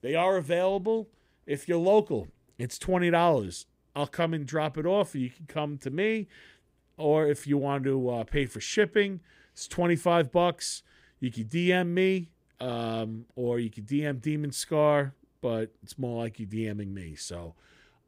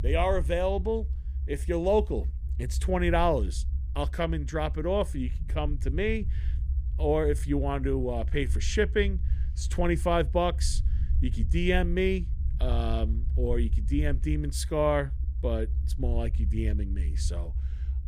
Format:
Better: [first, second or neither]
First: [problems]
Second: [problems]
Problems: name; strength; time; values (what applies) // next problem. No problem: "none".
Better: first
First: none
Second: low rumble; faint; throughout; 20 dB below the speech